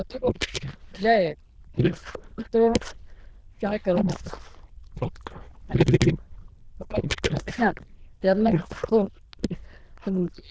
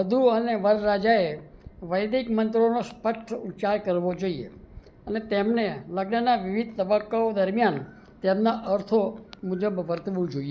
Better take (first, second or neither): second